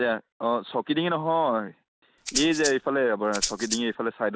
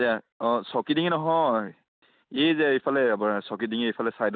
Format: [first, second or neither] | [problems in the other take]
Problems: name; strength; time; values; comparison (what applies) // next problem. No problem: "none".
second | background sound (Rattle (instrument)); 5 dB below the speech